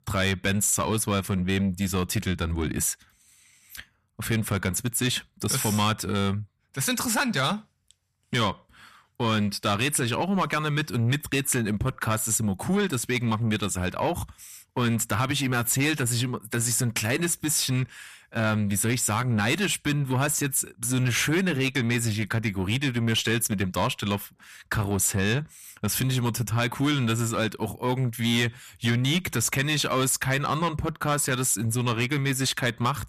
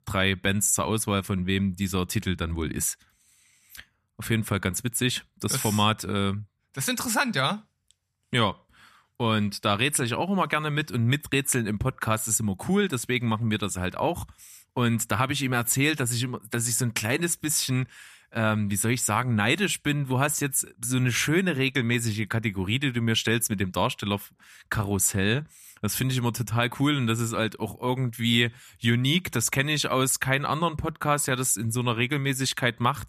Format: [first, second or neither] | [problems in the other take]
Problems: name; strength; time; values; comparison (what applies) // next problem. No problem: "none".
second | distortion; slight; 10 dB below the speech